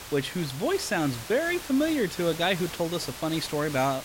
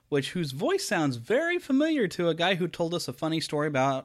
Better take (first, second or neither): second